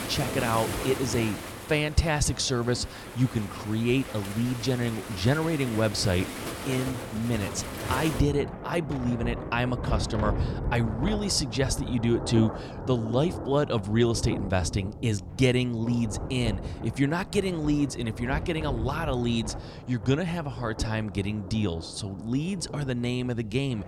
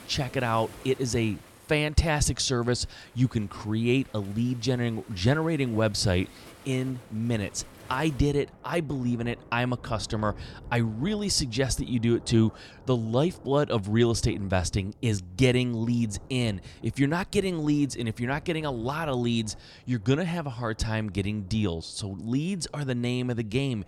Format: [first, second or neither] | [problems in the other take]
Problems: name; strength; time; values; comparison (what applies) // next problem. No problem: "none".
second | rain or running water; loud; throughout; 8 dB below the speech; faint in the second